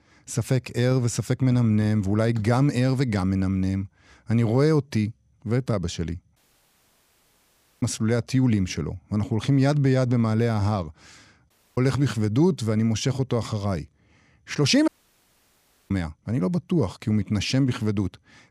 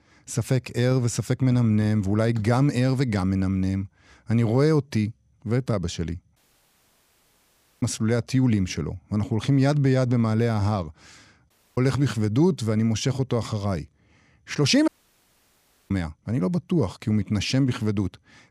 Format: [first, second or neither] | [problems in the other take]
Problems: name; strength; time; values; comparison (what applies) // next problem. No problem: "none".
neither | audio cutting out; at 6.5 s for 1.5 s, at 12 s and at 15 s for 1 s; the same in both